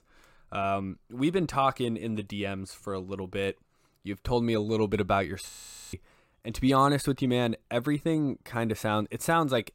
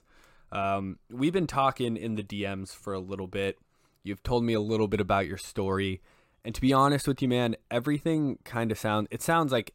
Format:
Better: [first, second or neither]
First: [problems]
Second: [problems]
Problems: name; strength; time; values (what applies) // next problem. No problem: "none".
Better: second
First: audio freezing; at 5.5 s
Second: none